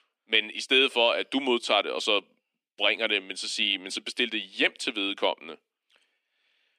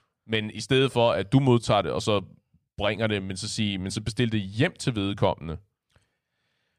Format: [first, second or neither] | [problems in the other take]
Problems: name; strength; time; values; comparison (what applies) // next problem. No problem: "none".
second | thin; somewhat; fading below 250 Hz